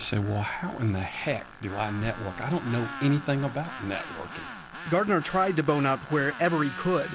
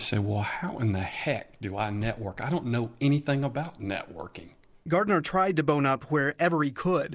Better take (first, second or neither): second